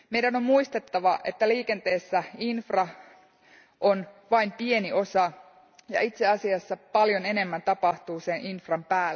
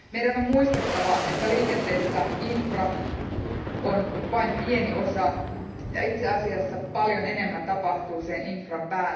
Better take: first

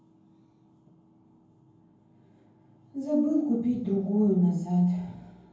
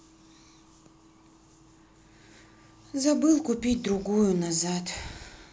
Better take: second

